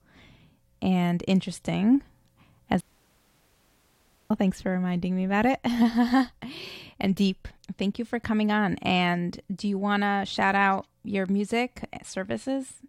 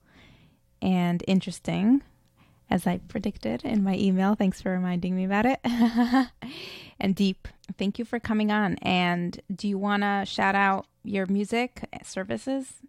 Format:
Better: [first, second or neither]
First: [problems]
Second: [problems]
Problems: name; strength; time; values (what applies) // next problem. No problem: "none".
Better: second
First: audio cutting out; at 3 s for 1.5 s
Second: none